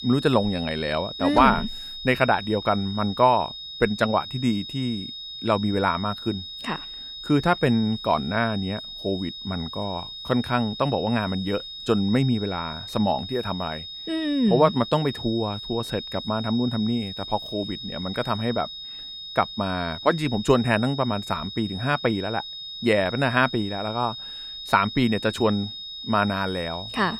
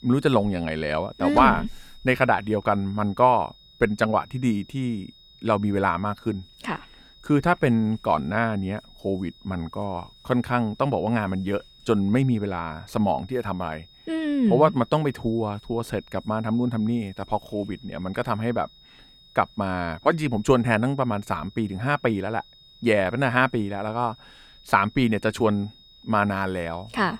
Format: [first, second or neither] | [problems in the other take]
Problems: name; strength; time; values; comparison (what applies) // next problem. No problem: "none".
second | high-pitched whine; loud; throughout; 4 kHz, 9 dB below the speech; faint in the second